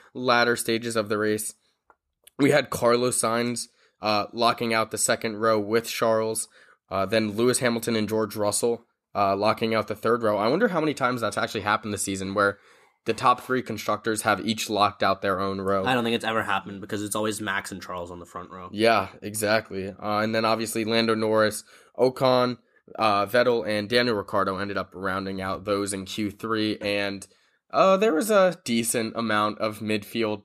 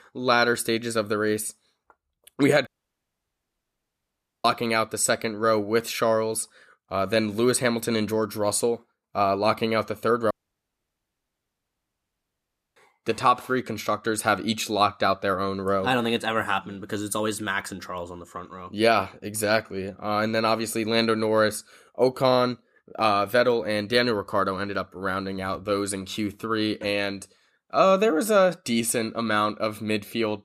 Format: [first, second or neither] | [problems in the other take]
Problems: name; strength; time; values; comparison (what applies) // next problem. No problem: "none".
first | audio cutting out; at 2.5 s for 2 s and at 10 s for 2.5 s